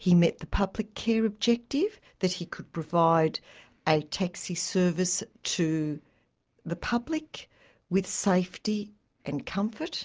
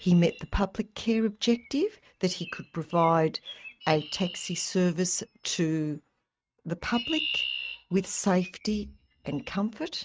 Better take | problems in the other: first | noise reduction (neural mask model RNNoise)

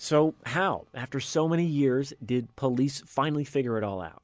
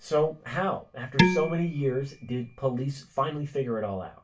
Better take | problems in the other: first | background sound (Dishes, pots, and pans); 1 dB above the speech // room echo; dies away in 0.2 s

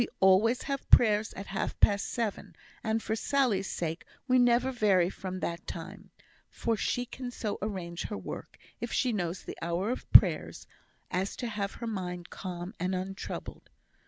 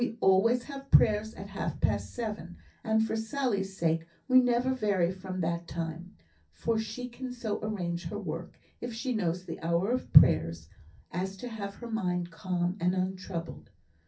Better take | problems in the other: first | room echo; dies away in 0.3 s

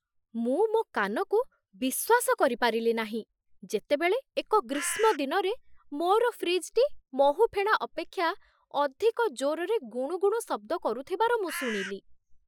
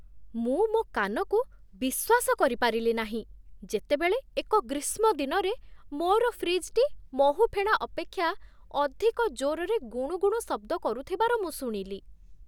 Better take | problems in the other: second | noise reduction (classical method Wiener filter)

